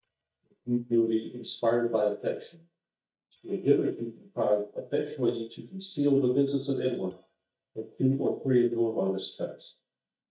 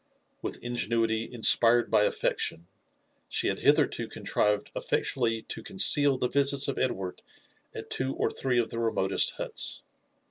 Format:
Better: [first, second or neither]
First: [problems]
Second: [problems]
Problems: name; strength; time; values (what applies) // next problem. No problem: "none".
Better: second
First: noise reduction (neural mask model DeepFilterNet 3)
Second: none